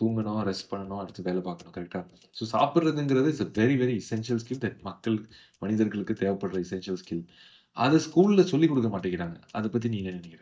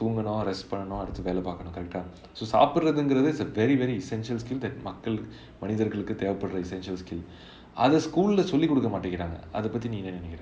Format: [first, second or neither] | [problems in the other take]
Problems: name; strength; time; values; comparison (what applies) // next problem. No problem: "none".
second | noise reduction (neural mask model DeepFilterNet 3)